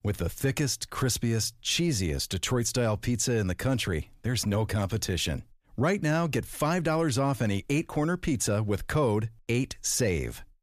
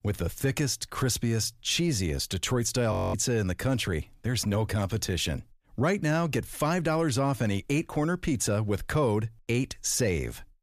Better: first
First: none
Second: audio freezing; at 3 s

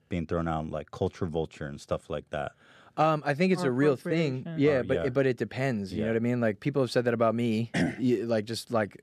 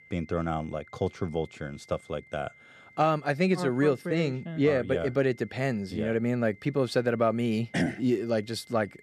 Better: first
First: none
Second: high-pitched whine; faint; throughout; 2 kHz, 25 dB below the speech

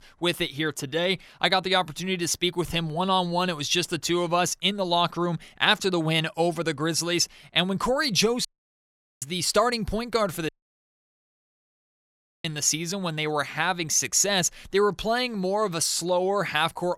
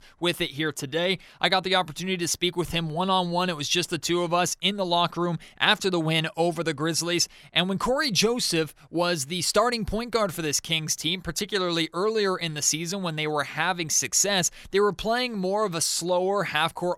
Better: second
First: audio cutting out; at 8.5 s for 1 s and at 10 s for 2 s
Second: none

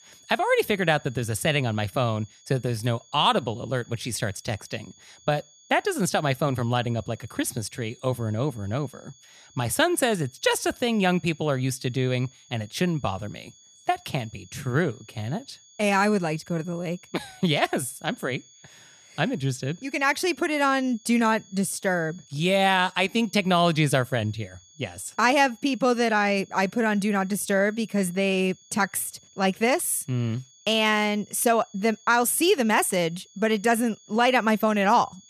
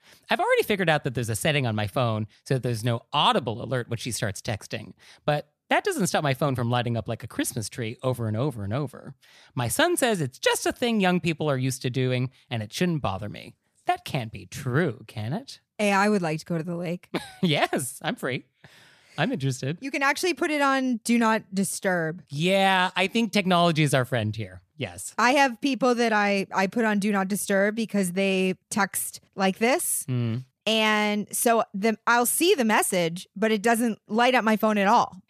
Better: second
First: high-pitched whine; faint; throughout; 6.5 kHz, 25 dB below the speech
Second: none

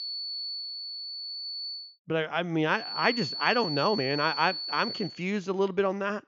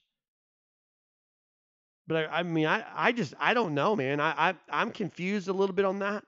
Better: second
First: high-pitched whine; loud; until 2 s and from 3 to 5 s; 4.5 kHz, 5 dB below the speech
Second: none

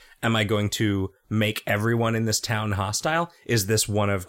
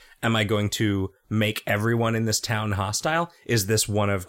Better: neither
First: none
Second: none

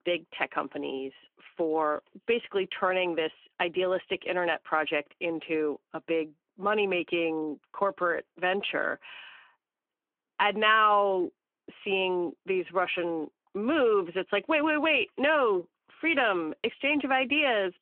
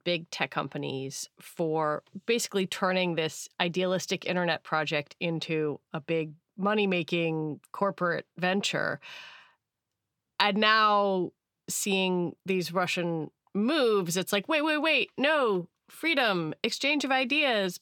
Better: second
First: phone-call audio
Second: none

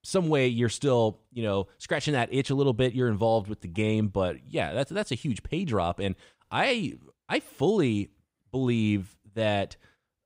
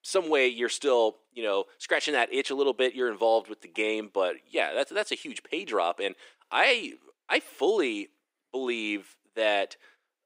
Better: first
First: none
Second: thin; very; fading below 350 Hz

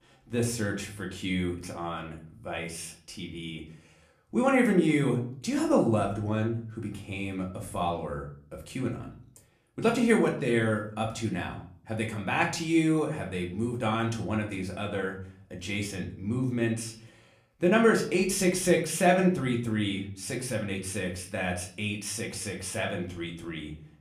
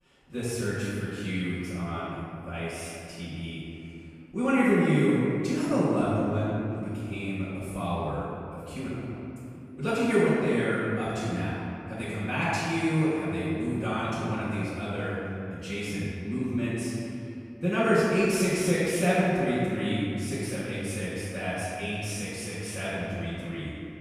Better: first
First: room echo; slight; dies away in 0.4 s // off-mic speech; somewhat distant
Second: room echo; strong; dies away in 2.6 s // off-mic speech; far

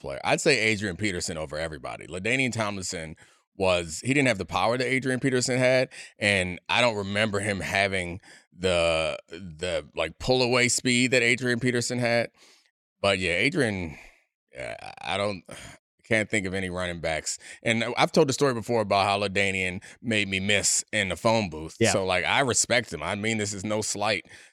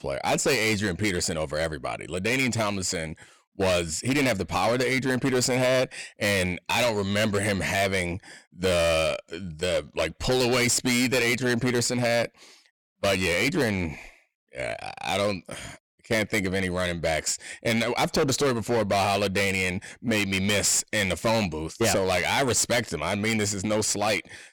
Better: first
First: none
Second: distortion; heavy; 14% of the sound clipped

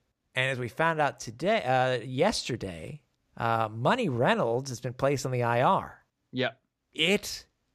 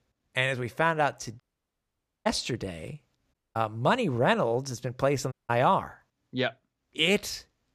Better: first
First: none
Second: audio cutting out; at 1.5 s for 1 s, at 3.5 s and at 5.5 s

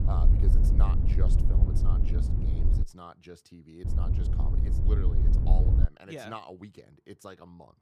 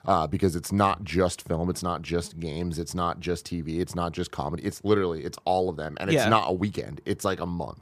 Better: second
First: wind noise on the microphone; heavy; until 3 s and from 4 to 6 s; 1 dB above the speech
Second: none

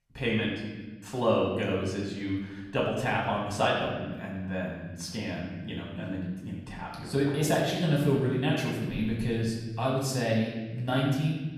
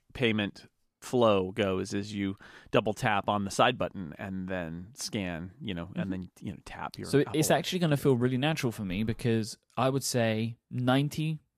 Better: second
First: off-mic speech; far // room echo; noticeable; dies away in 1.3 s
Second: none

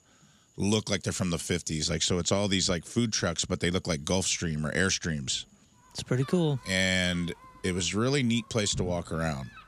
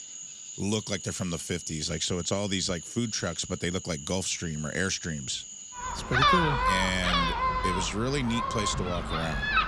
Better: first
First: animal sounds; faint; throughout; 30 dB below the speech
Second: animal sounds; loud; throughout; 1 dB below the speech

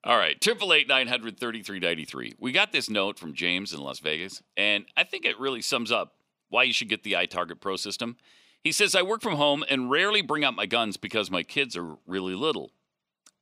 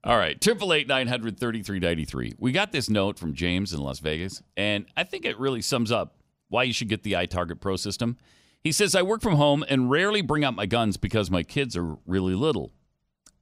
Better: second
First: thin; very slightly; fading below 250 Hz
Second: none

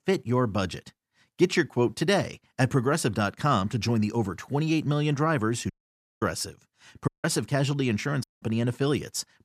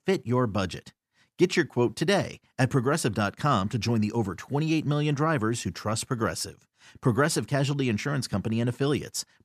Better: second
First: audio cutting out; at 5.5 s for 0.5 s, at 7 s and at 8 s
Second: none

